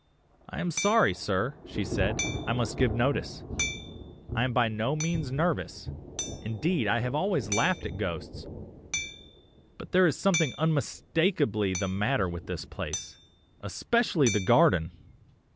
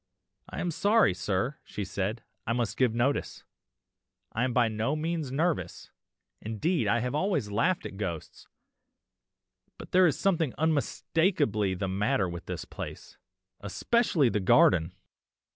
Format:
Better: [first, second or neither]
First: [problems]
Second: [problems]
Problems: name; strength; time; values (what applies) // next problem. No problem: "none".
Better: second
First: background sound (Thunder / Rain + Hammer); 9 dB below the speech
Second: none